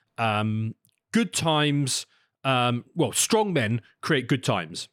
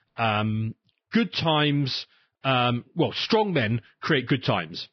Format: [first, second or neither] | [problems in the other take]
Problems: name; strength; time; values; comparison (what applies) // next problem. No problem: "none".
first | garbled, watery; badly; nothing above 5.5 kHz